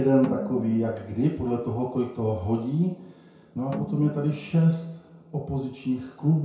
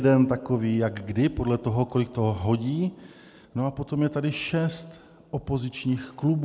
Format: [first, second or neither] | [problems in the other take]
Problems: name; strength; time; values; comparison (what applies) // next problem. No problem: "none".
second | background sound (Snare drum); 14 dB below the speech // room echo; dies away in 0.6 s